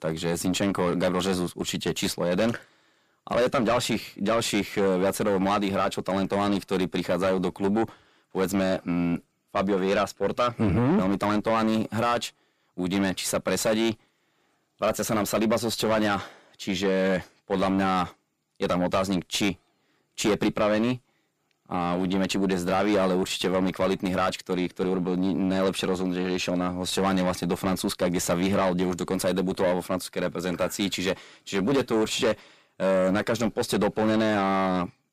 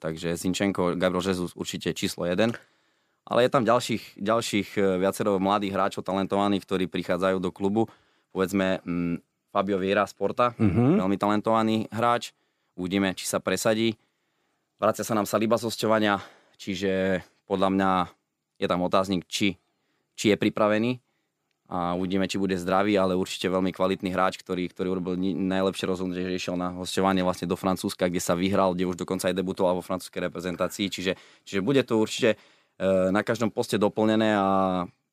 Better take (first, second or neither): second